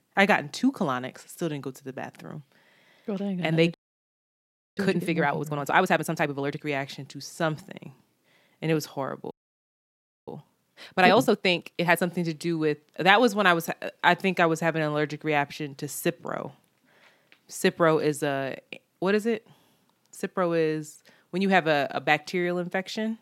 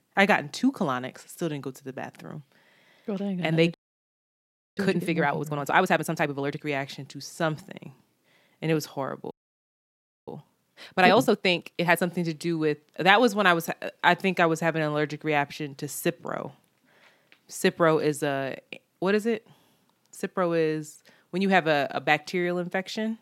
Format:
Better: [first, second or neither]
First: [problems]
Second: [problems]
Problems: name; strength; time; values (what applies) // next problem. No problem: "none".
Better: neither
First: audio freezing; at 3.5 s for 1 s and at 9.5 s for 1 s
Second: audio freezing; at 3.5 s for 1 s and at 9.5 s for 1 s